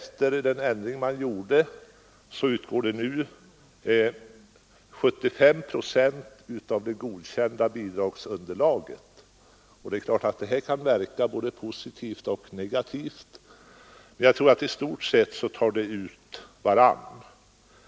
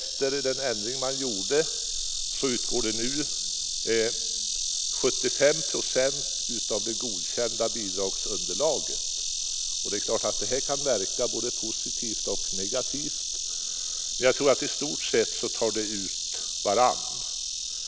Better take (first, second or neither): first